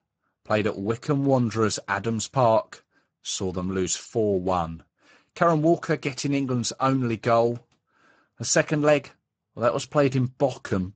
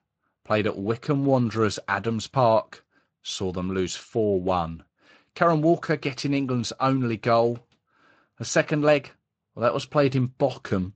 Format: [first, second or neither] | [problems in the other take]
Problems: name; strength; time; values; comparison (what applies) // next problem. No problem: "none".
second | garbled, watery; badly; nothing above 7.5 kHz; slightly in the second